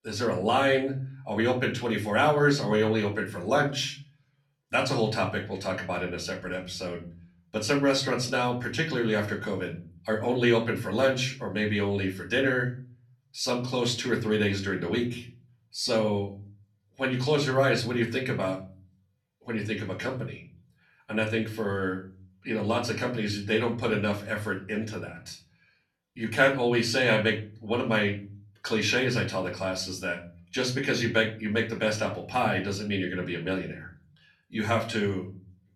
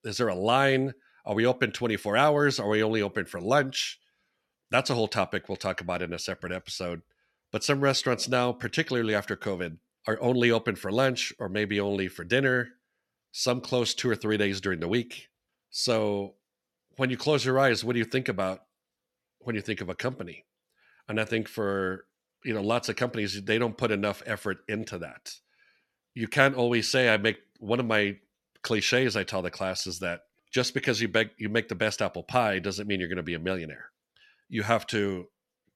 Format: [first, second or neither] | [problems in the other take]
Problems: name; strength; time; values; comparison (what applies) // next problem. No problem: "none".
second | off-mic speech; far // room echo; very slight; dies away in 0.5 s